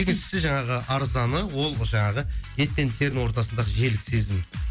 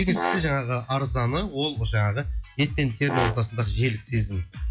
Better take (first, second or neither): first